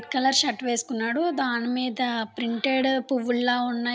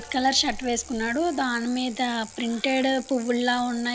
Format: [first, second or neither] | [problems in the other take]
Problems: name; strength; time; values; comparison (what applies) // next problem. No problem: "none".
first | background sound (Bicycle); 18 dB below the speech